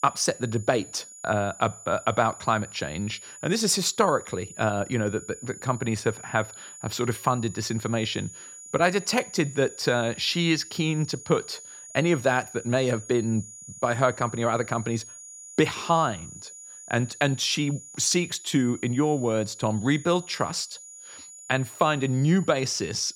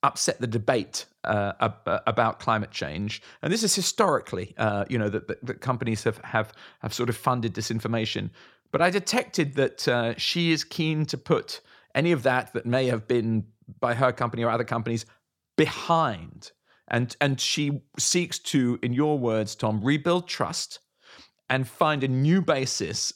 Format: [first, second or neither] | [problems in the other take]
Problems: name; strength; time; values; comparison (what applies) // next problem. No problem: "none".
second | high-pitched whine; noticeable; throughout; 7 kHz, 15 dB below the speech